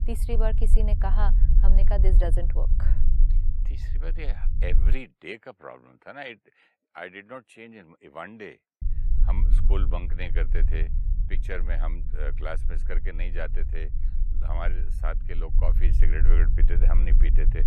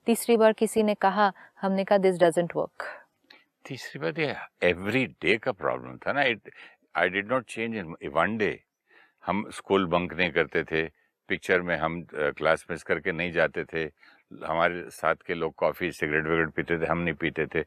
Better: second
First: low rumble; noticeable; until 5 s and from 9 s on; 10 dB below the speech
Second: none

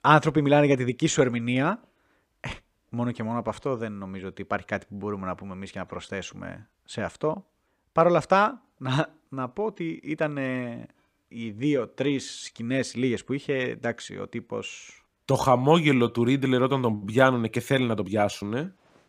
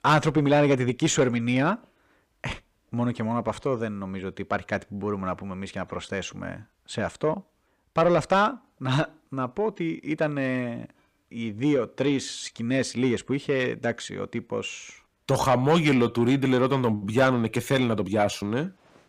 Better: first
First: none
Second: distortion; slight; 10 dB below the speech

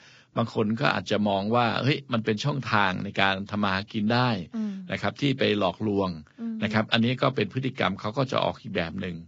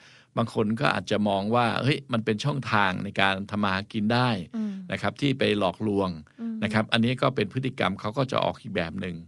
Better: second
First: garbled, watery; badly; nothing above 7.5 kHz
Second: garbled, watery; slightly; nothing above 10.5 kHz

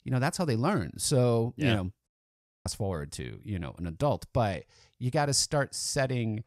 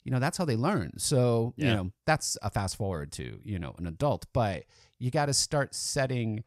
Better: second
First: audio cutting out; at 2 s for 0.5 s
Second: none

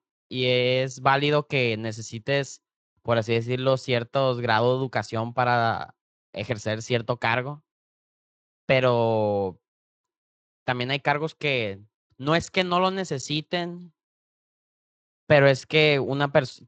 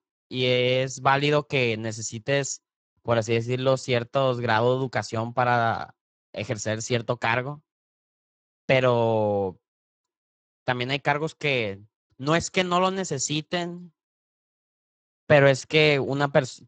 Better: first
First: garbled, watery; slightly; nothing above 7.5 kHz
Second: garbled, watery; badly; nothing above 7.5 kHz

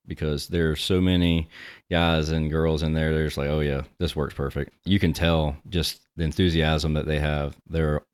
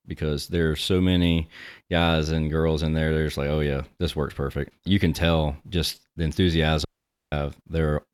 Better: first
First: none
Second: audio cutting out; at 7 s

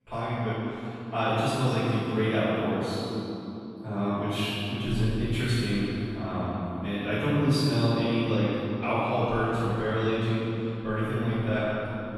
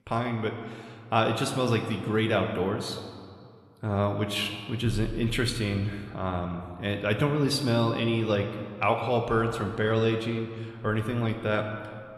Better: second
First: room echo; strong; dies away in 3 s // off-mic speech; far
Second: room echo; slight; dies away in 1.6 s

